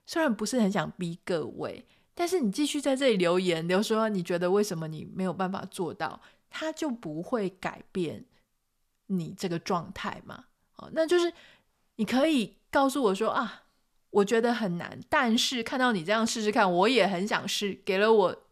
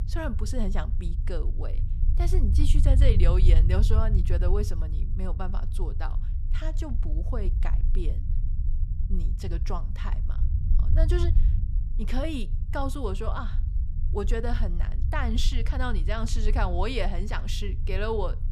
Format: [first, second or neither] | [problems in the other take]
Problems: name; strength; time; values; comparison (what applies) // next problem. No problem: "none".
first | low rumble; noticeable; throughout; 10 dB below the speech